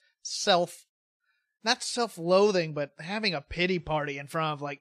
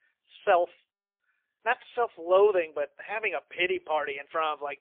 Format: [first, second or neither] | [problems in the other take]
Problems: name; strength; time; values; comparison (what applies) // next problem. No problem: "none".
first | phone-call audio; poor line